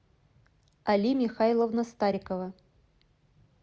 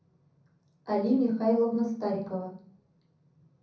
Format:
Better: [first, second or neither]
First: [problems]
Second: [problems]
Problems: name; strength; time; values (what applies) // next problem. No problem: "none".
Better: first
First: none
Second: room echo; dies away in 0.6 s